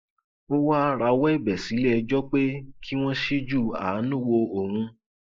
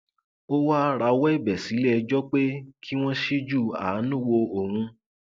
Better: second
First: noise reduction (neural mask model Resemble Enhance denoiser)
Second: none

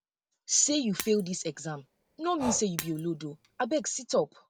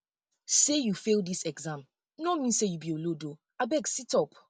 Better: second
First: background sound (Shatter + Breathing); 12 dB below the speech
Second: none

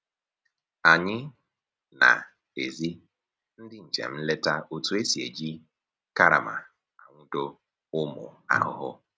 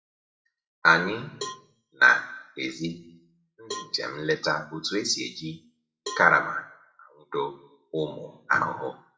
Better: first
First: none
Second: noise reduction (classical method WPE with log-MMSE)

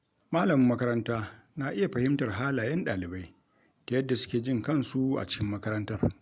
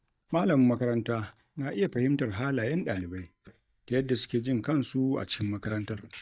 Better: first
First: none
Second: noise reduction (neural mask model DeepFilterNet 3)

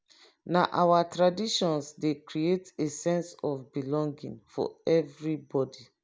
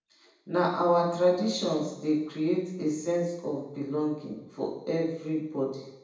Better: first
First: none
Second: room echo; dies away in 0.9 s

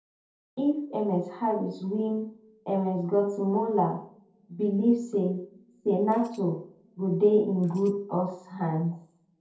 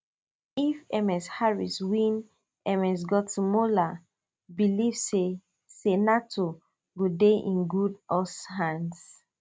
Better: second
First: noise reduction (neural separator model SepFormer DNS4)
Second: none

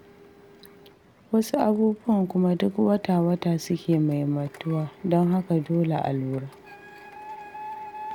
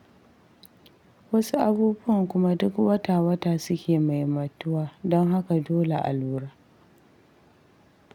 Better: second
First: background sound (Printer); 19 dB below the speech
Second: none

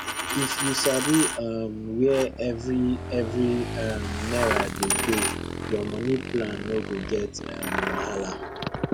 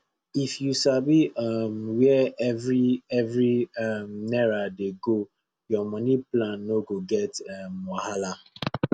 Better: second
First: background sound (Motorcycle / Engine + Coin (dropping)); 3 dB below the speech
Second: none

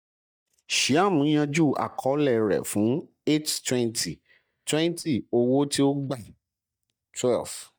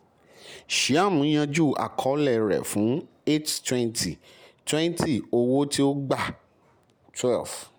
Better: second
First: noise reduction (neural mask model DeepFilterNet 3)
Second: none

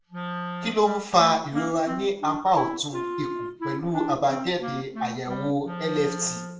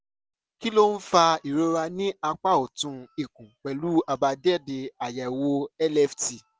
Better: second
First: background sound (Wind instrument, woodwind instrument); 7 dB below the speech // room echo; dies away in 0.5 s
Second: none

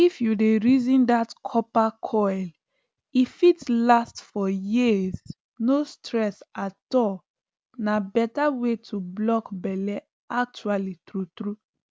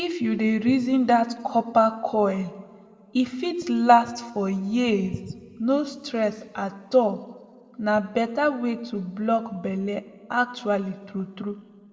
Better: first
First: none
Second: room echo; dies away in 1.4 s

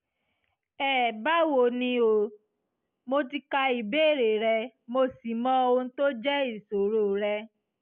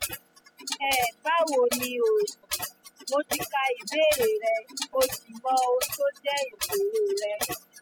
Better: first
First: none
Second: noise reduction (classical method spectral subtraction)

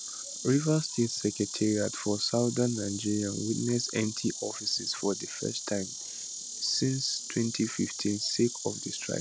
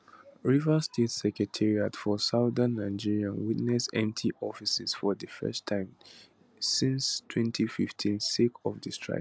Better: second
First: background sound (Insect); 8 dB below the speech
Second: none

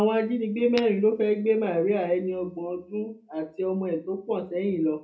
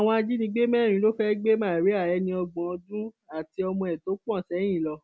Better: second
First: background sound (Tap / Glass); 16 dB below the speech // room echo; dies away in 0.3 s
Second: none

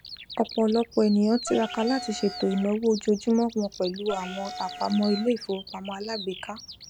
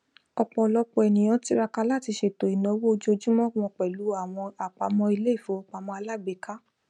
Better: second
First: background sound (Bird vocalization, bird call, bird song + Wind instrument, woodwind instrument); 13 dB below the speech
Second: none

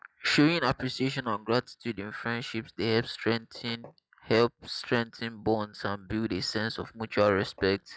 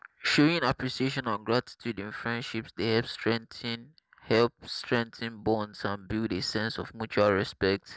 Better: second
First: noise reduction (classical method log-MMSE)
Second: none

